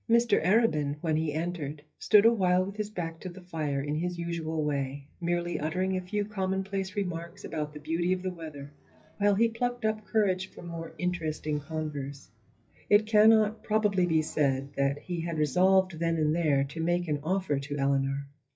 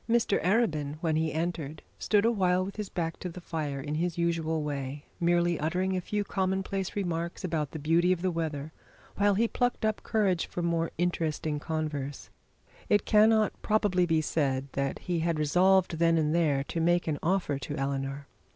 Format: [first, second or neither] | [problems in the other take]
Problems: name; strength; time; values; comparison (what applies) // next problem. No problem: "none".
second | noise reduction (classical method WPE with log-MMSE)